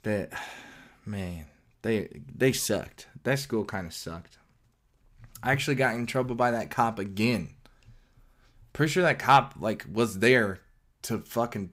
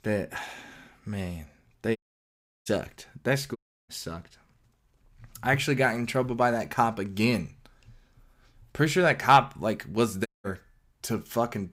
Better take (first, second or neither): first